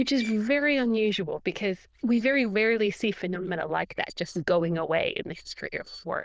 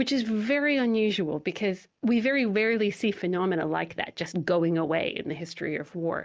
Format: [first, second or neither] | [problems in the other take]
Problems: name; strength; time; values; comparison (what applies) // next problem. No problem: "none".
second | noise reduction (neural diffusion model UNIVERSE++)